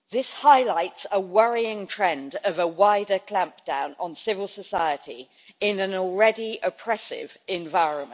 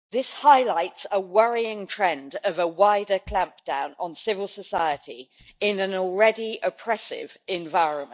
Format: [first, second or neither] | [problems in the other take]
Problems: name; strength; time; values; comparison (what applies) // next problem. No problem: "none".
first | noise reduction (neural mask model DeepFilterNet 3)